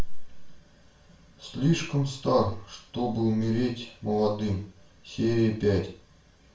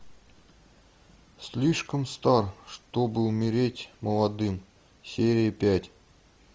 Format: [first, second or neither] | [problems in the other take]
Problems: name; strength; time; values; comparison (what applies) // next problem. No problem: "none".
second | room echo; dies away in 0.4 s